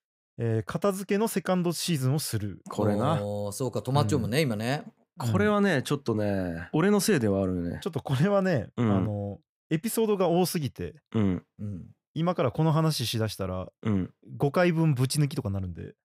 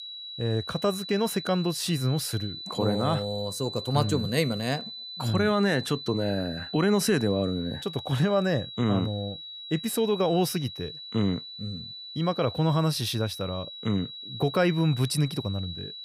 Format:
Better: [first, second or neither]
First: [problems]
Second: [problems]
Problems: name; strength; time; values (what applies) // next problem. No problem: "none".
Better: first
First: none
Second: high-pitched whine; loud; throughout; 4 kHz, 10 dB below the speech